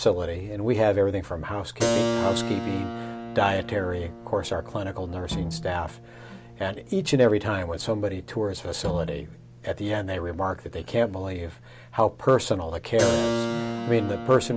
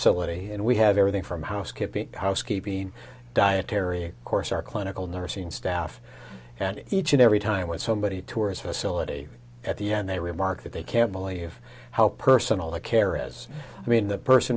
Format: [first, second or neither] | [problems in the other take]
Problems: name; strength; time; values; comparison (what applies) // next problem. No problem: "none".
second | background sound (Keyboard (musical) + Bowed string instrument); 6 dB below the speech